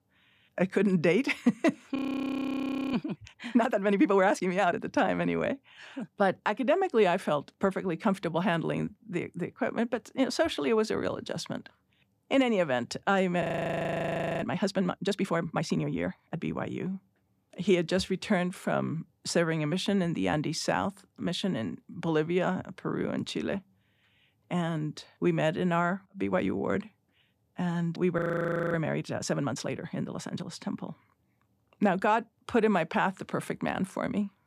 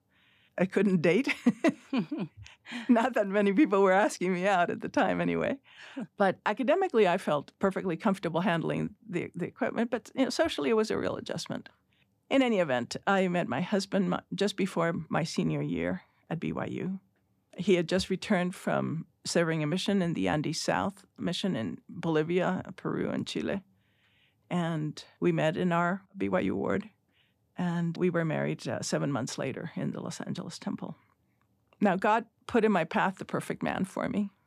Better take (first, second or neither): second